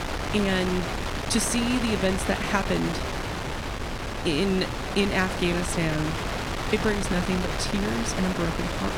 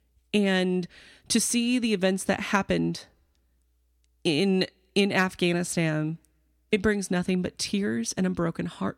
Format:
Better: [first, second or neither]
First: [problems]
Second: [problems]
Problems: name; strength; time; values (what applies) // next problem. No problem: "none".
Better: second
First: wind noise on the microphone; heavy; 1 dB below the speech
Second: none